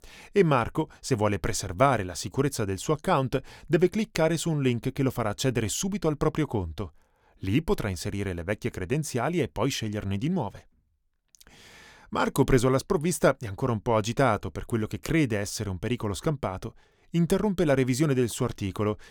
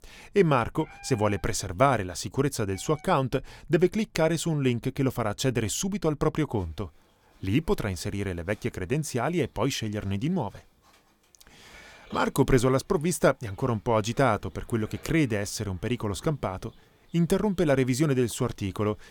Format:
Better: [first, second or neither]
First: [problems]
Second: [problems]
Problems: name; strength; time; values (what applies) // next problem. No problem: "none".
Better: first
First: none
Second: animal sounds; faint; throughout; 30 dB below the speech